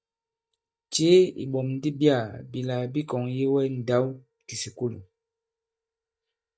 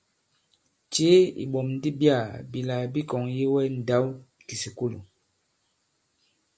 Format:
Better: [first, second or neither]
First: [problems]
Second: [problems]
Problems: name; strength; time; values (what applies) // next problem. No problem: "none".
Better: second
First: noise reduction (neural mask model DeepFilterNet 3)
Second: none